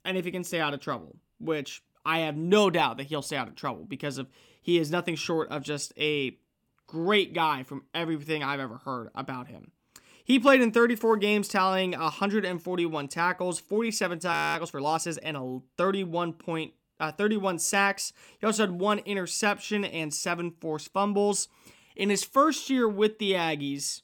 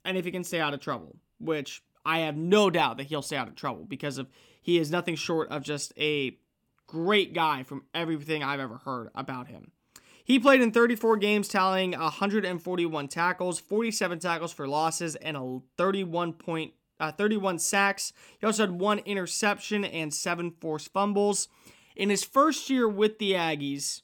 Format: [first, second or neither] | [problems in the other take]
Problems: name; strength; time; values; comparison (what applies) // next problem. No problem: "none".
second | audio freezing; at 14 s